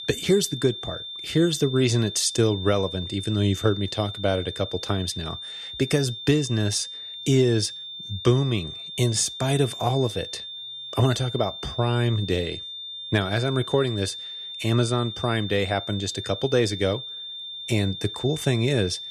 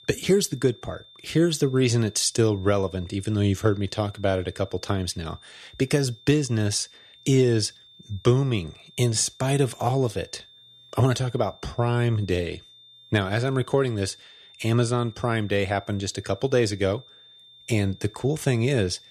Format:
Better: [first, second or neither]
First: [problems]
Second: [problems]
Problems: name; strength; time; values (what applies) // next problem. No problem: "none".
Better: second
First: high-pitched whine; loud; throughout; 3.5 kHz, 9 dB below the speech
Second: high-pitched whine; faint; throughout; 3.5 kHz, 25 dB below the speech